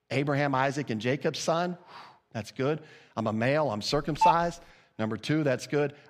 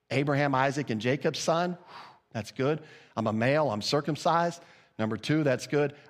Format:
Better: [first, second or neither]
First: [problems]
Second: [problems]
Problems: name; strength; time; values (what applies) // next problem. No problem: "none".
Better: second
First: phone ringing; loud; at 4 s; peak 4 dB above the speech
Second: none